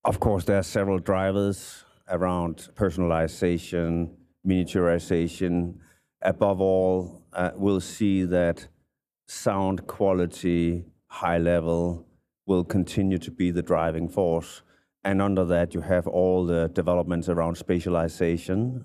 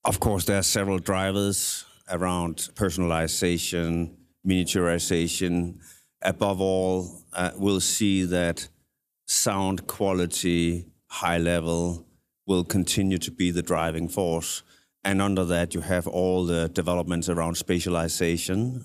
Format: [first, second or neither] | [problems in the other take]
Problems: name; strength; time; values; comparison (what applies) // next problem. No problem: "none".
second | muffled; very; fading above 2.5 kHz